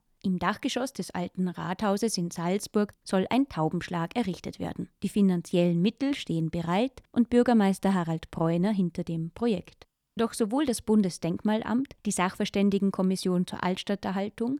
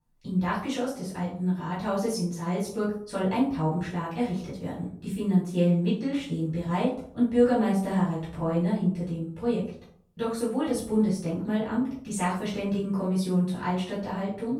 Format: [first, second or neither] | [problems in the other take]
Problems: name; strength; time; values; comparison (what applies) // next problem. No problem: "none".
first | off-mic speech; far // room echo; noticeable; dies away in 0.5 s